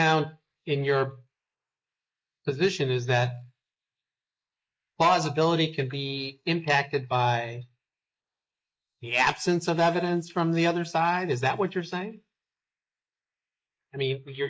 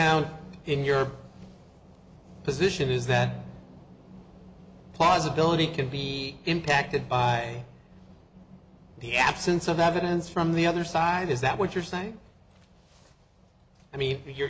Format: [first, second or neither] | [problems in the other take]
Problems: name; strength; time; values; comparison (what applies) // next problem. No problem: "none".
second | noise reduction (neural mask model Resemble Enhance denoiser)